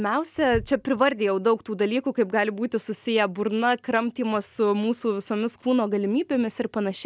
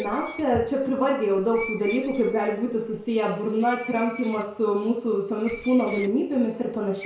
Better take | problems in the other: first | background sound (Screech); 17 dB below the speech // room echo; dies away in 0.6 s

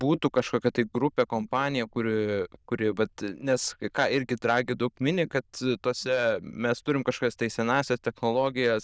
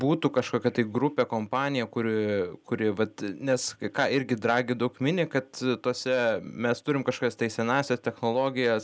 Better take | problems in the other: second | noise reduction (neural diffusion model UNIVERSE++)

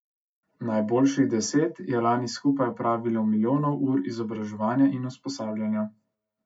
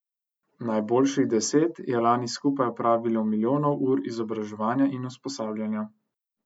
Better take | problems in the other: second | room echo; dies away in 0.3 s

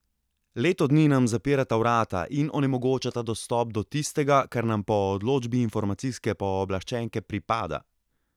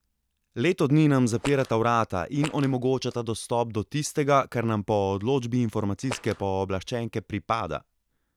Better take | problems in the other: first | background sound (Fart); 12 dB below the speech

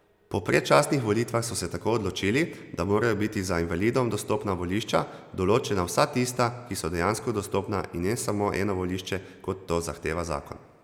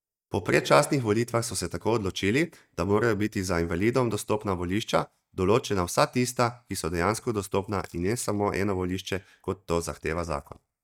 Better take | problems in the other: first | noise reduction (neural mask model DeepFilterNet 3)

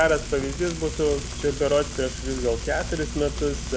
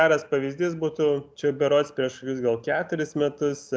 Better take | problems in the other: second | background sound (Frying (food)); 6 dB below the speech

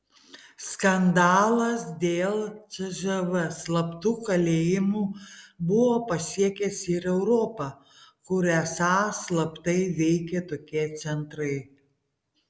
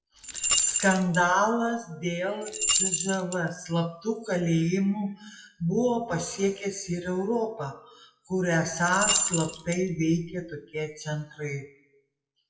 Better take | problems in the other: first | noise reduction (classical method WPE with log-MMSE)

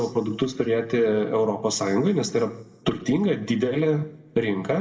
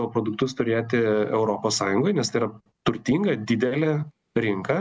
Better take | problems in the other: second | room echo; dies away in 0.7 s

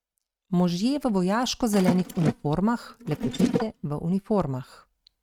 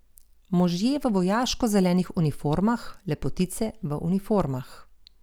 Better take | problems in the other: second | noise reduction (neural mask model RNNoise)

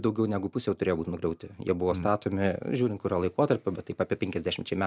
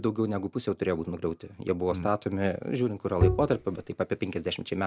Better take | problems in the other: first | background sound (Bowed string instrument); 2 dB above the speech

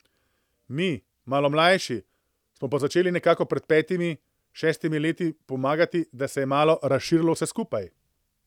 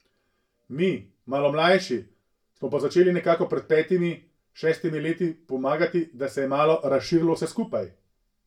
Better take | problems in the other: first | room echo; dies away in 0.2 s

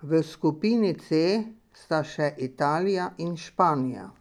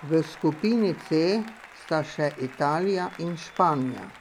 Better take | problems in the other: first | background sound (Applause); 20 dB below the speech

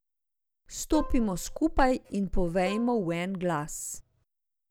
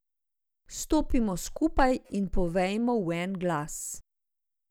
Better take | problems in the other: second | background sound (Plucked string instrument); 17 dB below the speech

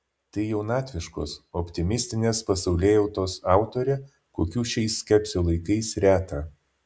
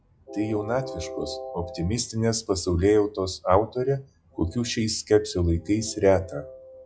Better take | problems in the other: first | noise reduction (classical method log-MMSE)

